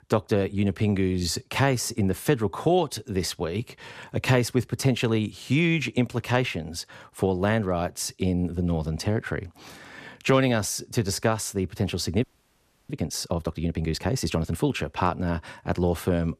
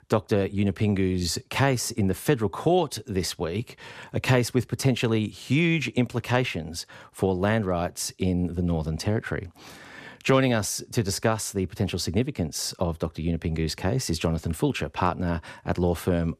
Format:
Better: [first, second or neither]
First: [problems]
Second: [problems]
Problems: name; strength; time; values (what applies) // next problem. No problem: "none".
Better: second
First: audio freezing; at 12 s for 0.5 s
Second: none